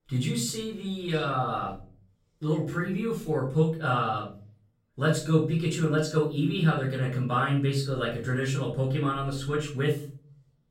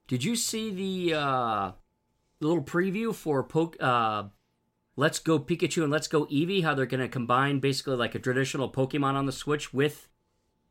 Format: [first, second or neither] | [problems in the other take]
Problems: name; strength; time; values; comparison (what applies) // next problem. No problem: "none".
second | off-mic speech; far // room echo; slight; dies away in 0.4 s